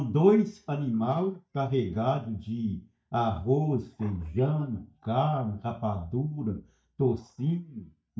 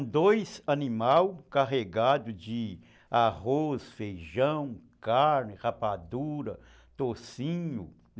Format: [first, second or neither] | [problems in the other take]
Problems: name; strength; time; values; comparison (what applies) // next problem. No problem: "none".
second | noise reduction (neural mask model DeepFilterNet 3)